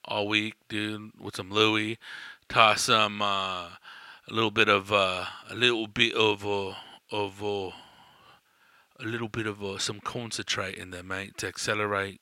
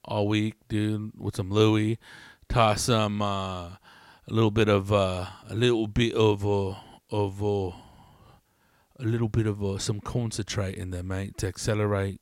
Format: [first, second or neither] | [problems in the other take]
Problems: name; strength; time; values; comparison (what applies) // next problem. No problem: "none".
second | thin; somewhat; fading below 400 Hz